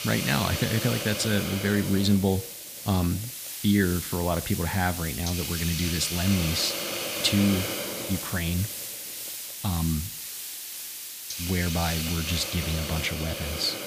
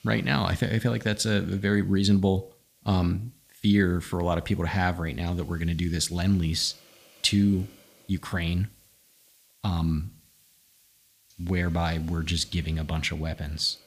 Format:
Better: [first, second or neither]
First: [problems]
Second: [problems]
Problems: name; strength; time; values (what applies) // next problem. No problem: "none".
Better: second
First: hiss; loud; throughout; 4 dB below the speech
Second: hiss; faint; throughout; 30 dB below the speech